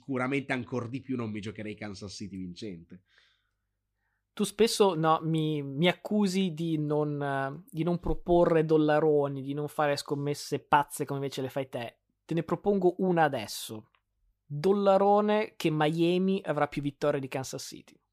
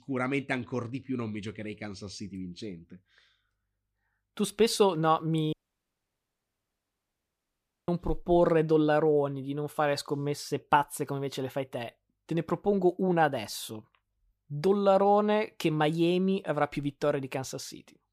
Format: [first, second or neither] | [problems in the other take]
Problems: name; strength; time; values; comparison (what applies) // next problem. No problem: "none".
first | audio cutting out; at 5.5 s for 2.5 s